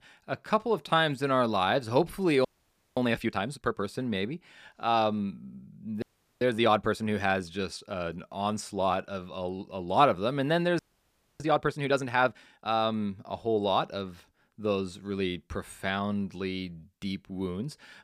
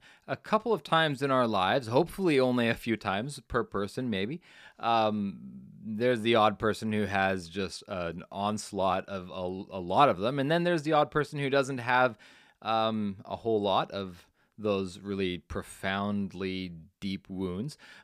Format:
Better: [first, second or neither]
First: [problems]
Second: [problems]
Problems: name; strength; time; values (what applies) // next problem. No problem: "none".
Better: second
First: audio freezing; at 2.5 s for 0.5 s, at 6 s and at 11 s for 0.5 s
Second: none